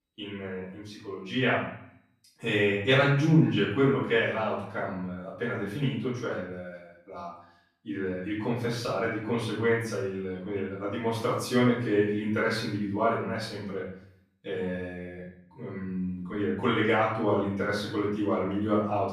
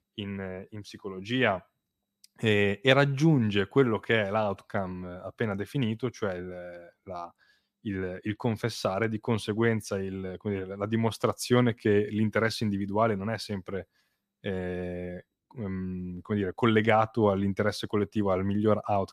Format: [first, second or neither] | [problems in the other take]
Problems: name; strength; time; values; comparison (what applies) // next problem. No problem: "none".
second | off-mic speech; far // room echo; noticeable; dies away in 0.6 s